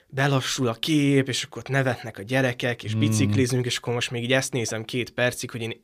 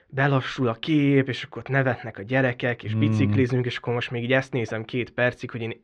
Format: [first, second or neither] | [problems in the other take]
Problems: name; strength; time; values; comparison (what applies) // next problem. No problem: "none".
first | muffled; very; fading above 2 kHz